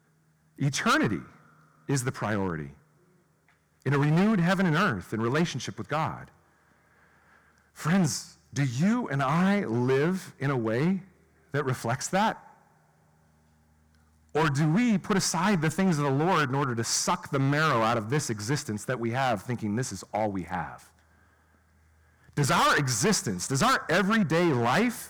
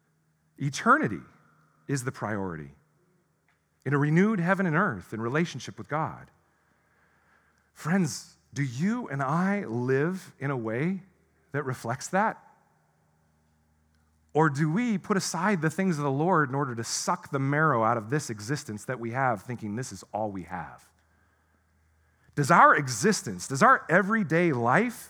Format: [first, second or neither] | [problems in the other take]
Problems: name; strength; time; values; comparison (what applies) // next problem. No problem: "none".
second | distortion; heavy; 9% of the sound clipped